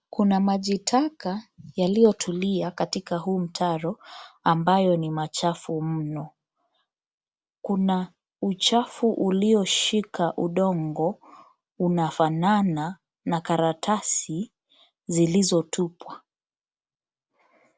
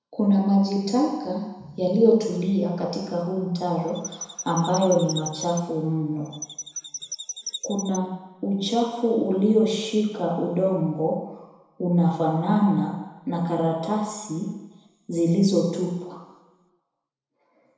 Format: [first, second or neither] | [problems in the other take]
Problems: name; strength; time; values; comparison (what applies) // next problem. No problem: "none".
first | background sound (Chirp, tweet); 12 dB below the speech // room echo; dies away in 0.9 s